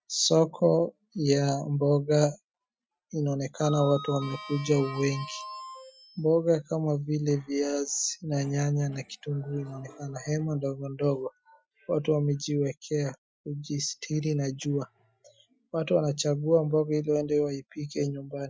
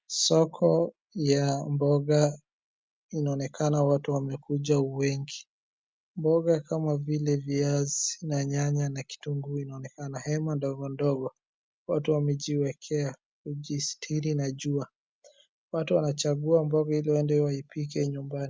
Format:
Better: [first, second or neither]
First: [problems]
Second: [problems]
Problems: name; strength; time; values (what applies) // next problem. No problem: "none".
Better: second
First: noise reduction (classical method Wiener filter)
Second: none